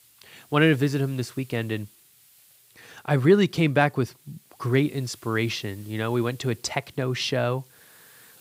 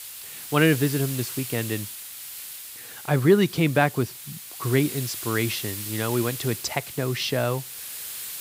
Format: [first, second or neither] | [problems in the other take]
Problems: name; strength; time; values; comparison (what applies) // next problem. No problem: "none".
first | hiss; loud; throughout; 9 dB below the speech; faint in the first